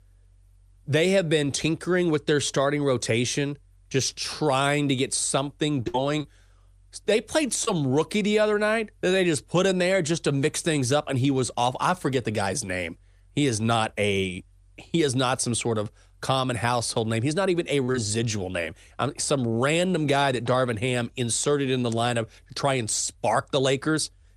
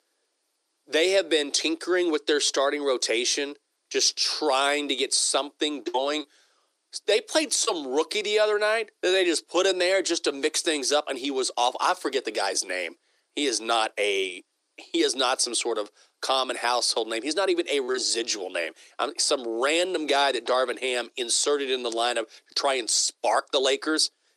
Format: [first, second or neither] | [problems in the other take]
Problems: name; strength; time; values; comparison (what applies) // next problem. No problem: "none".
first | thin; somewhat; fading below 300 Hz